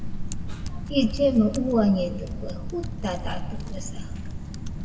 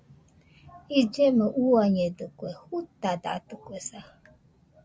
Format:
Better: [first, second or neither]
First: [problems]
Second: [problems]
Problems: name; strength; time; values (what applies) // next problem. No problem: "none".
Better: second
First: background sound (Typing); 4 dB below the speech // room echo; dies away in 1.7 s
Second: none